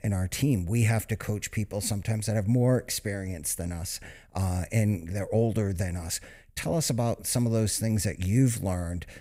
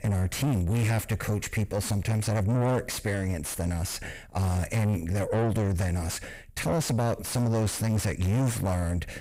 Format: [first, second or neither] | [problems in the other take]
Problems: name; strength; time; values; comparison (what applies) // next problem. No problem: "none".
first | distortion; heavy; 7 dB below the speech